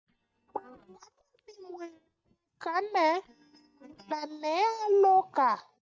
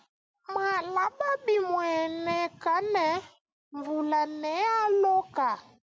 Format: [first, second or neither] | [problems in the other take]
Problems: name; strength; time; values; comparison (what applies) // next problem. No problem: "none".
second | noise reduction (neural mask model DeepFilterNet 3)